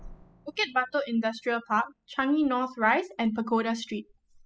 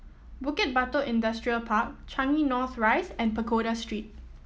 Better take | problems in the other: second | noise reduction (classical method spectral subtraction)

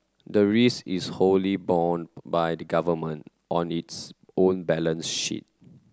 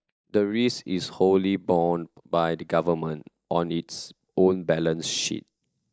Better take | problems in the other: first | noise reduction (neural mask model DeepFilterNet 3)

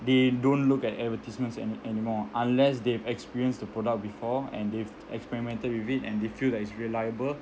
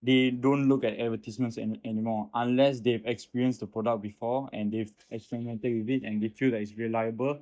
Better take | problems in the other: first | noise reduction (neural mask model DeepFilterNet 3)

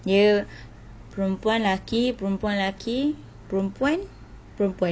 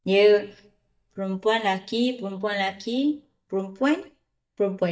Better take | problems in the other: first | noise reduction (neural mask model DeepFilterNet 3)

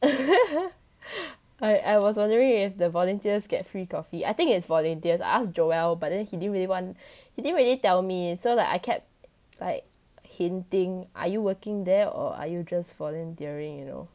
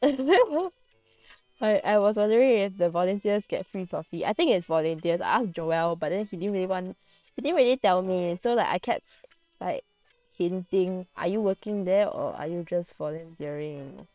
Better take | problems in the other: first | noise reduction (neural separator model SepFormer WHAM!)

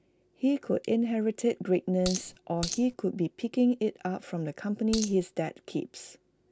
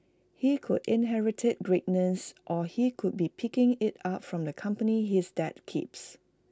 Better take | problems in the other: second | background sound (Coin (dropping)); 7 dB below the speech

